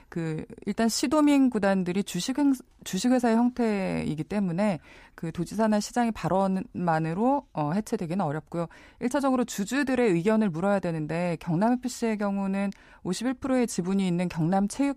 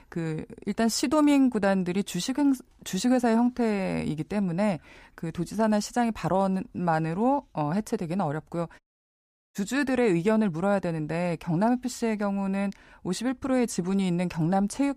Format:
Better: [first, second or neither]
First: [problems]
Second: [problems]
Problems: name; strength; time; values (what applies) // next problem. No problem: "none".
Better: first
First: none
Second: audio cutting out; at 9 s for 0.5 s